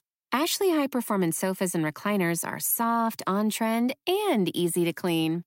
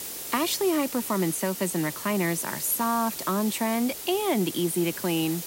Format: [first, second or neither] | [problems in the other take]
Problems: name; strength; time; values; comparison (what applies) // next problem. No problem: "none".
first | hiss; loud; throughout; 7 dB below the speech